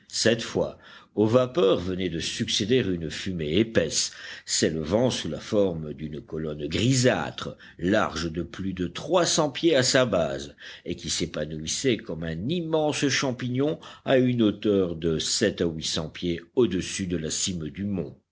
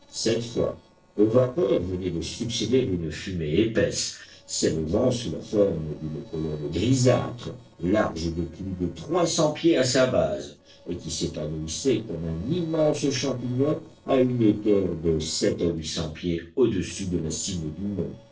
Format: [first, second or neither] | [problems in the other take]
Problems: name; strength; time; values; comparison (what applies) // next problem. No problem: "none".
first | noise reduction (neural separator model SepFormer DNS4)